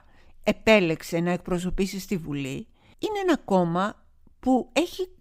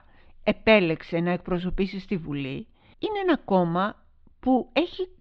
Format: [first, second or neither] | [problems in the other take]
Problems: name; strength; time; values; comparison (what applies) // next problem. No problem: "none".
first | muffled; slightly; fading above 4 kHz